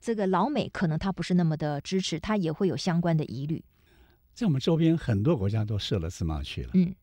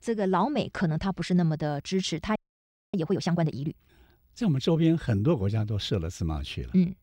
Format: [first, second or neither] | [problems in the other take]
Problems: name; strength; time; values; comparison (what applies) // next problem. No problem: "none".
first | audio freezing; at 2.5 s for 0.5 s